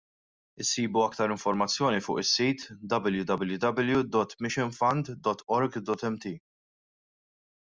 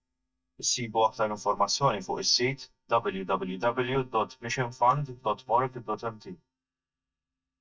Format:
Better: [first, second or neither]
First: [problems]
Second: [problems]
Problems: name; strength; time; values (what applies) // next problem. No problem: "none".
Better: first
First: none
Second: noise reduction (neural mask model DeepFilterNet 3)